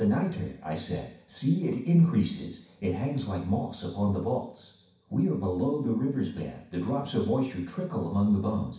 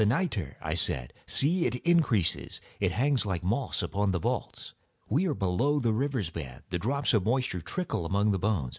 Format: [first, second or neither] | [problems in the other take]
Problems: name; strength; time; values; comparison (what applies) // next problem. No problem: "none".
second | room echo; dies away in 0.6 s